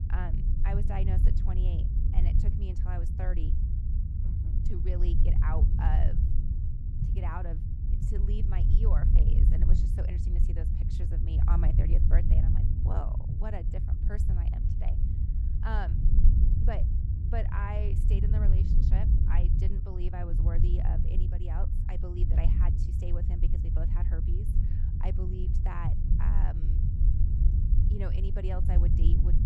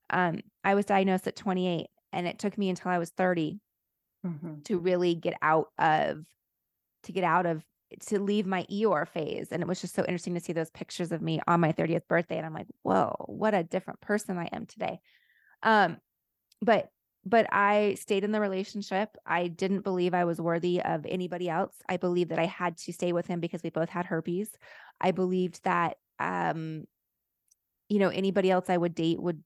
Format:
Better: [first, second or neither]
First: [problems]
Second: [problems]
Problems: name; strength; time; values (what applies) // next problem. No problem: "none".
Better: second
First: low rumble; loud; throughout; 2 dB below the speech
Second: none